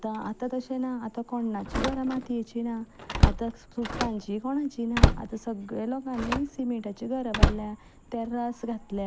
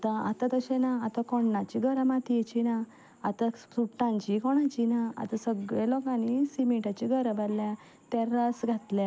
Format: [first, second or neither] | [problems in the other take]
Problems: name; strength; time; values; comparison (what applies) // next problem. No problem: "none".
second | background sound (Slam); 2 dB above the speech